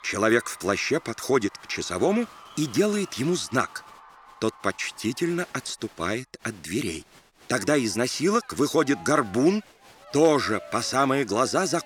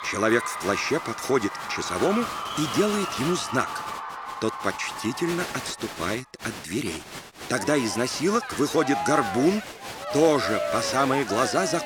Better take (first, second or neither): first